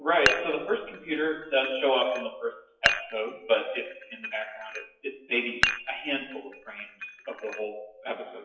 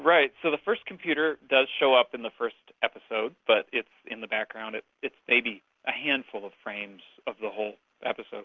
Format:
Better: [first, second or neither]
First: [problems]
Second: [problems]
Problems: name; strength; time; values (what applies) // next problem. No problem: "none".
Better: second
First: noise reduction (classical method WPE with log-MMSE)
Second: none